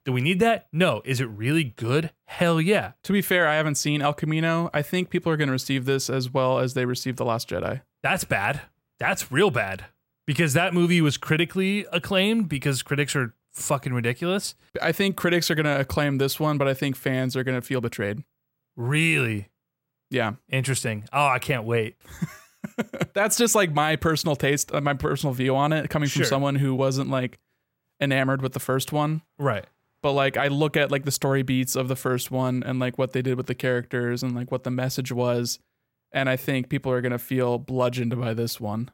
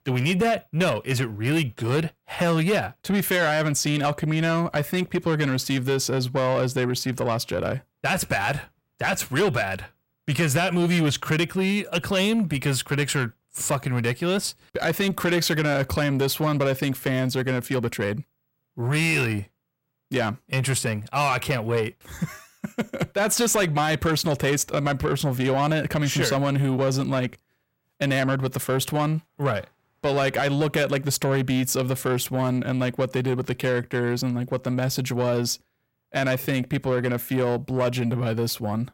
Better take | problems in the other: first | distortion; slight; 10 dB below the speech

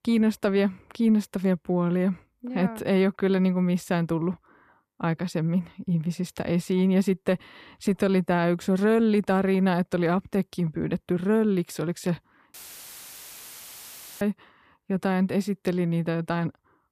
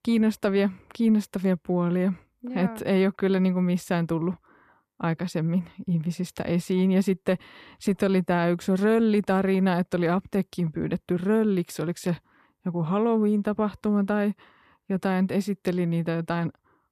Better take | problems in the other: second | audio cutting out; filled with static; at 13 s for 1.5 s

